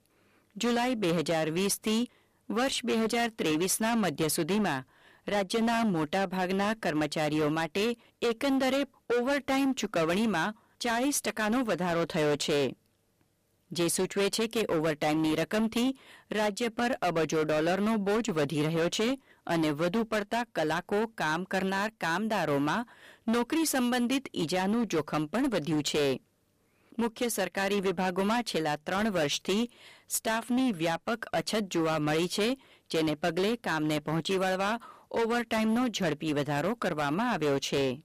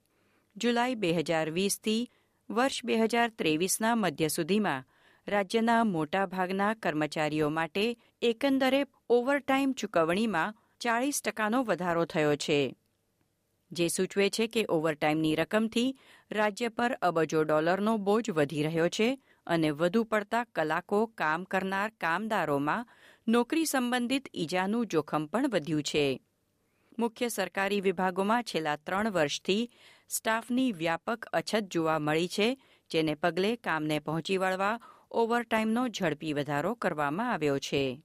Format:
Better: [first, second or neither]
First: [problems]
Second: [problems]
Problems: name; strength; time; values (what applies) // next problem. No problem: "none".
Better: second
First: distortion; heavy; 18% of the sound clipped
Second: none